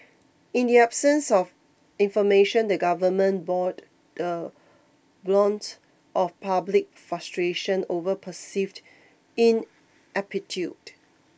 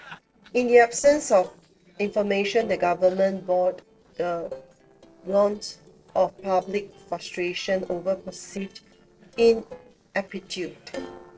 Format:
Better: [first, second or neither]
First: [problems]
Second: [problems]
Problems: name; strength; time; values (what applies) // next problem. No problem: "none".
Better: first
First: none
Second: noise reduction (neural separator model SepFormer DNS4)